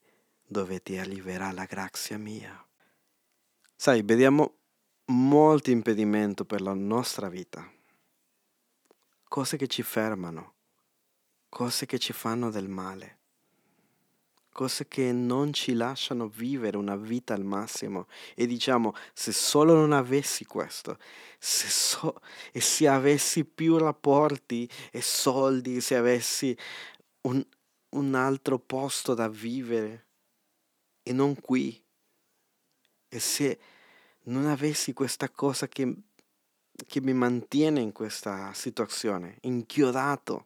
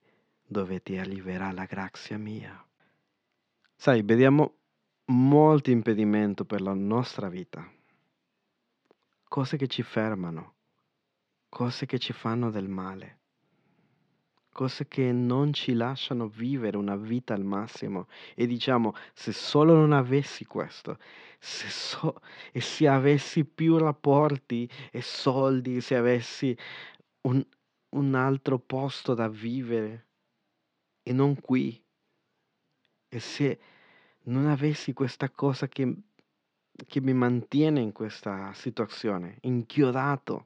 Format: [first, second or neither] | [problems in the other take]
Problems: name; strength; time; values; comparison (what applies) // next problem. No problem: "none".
first | muffled; slightly; fading above 4 kHz